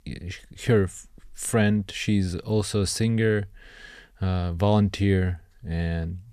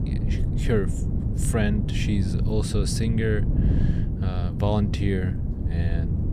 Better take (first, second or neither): first